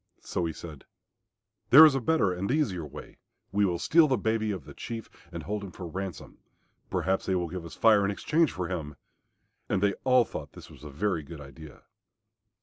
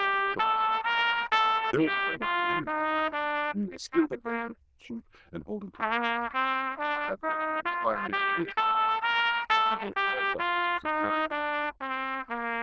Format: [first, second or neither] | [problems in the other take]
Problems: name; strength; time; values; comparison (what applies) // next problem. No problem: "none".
first | noise reduction (neural diffusion model UNIVERSE++)